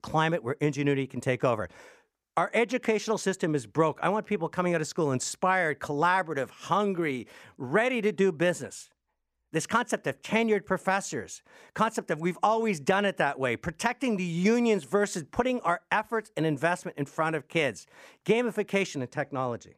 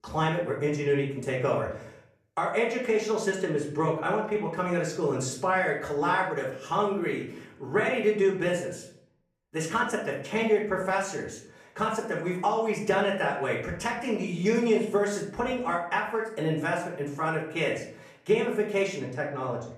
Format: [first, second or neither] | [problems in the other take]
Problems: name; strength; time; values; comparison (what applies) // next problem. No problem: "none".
first | off-mic speech; far // room echo; slight; dies away in 0.5 s